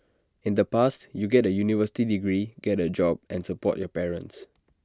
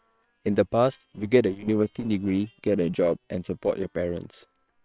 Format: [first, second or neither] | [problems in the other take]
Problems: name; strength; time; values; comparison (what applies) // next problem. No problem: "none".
first | noise reduction (neural separator model SepFormer WHAM!)